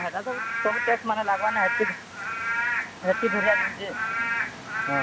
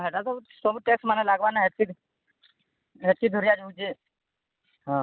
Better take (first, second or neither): second